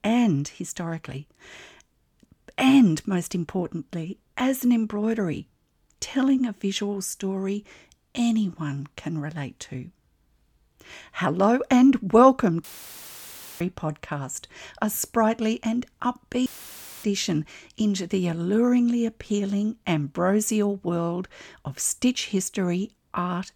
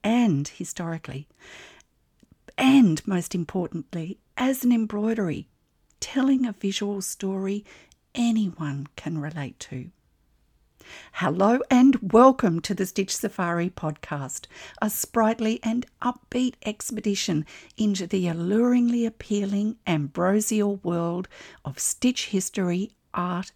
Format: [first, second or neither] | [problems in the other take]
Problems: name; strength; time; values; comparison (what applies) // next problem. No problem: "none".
second | audio cutting out; filled with static; at 13 s for 1 s and at 16 s for 0.5 s